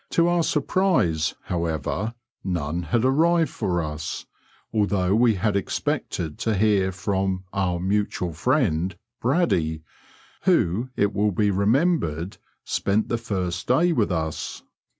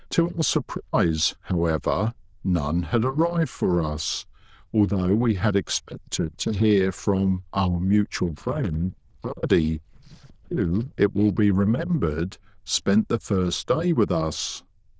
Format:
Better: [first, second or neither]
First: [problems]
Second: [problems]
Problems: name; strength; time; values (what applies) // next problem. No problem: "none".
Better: first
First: none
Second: noise reduction (neural diffusion model UNIVERSE++)